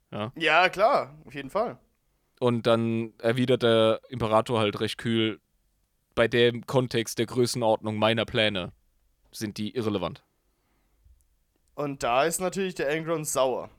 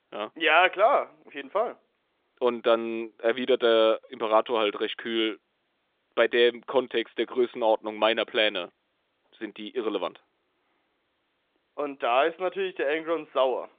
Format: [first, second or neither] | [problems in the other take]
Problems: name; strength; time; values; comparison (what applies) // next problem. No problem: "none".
first | phone-call audio